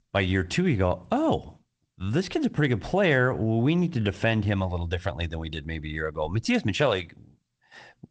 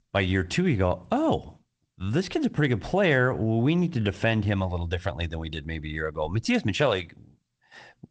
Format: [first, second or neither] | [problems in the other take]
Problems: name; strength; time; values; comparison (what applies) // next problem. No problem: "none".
neither | garbled, watery; slightly; nothing above 8 kHz; the same in both